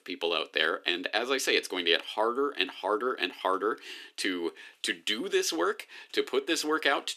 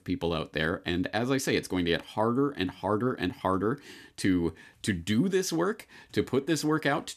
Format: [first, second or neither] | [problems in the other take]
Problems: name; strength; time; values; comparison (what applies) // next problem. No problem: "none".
second | thin; somewhat; fading below 350 Hz